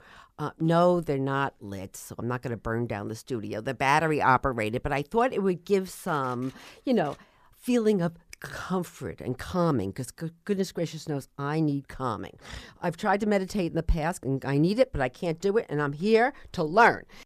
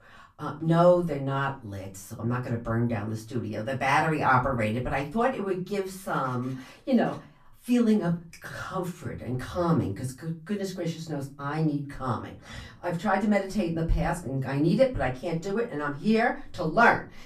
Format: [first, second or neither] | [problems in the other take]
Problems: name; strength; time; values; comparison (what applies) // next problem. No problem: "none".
first | off-mic speech; far // room echo; very slight; dies away in 0.3 s